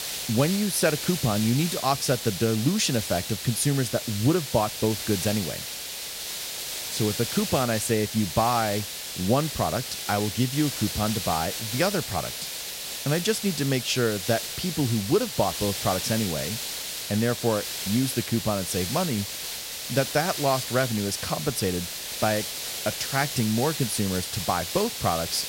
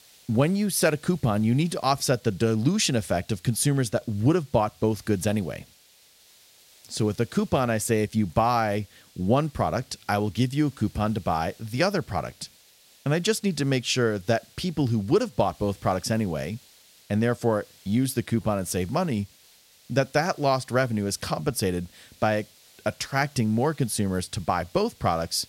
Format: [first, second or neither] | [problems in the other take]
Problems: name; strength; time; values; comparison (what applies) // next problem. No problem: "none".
second | hiss; loud; throughout; 4 dB below the speech; faint in the second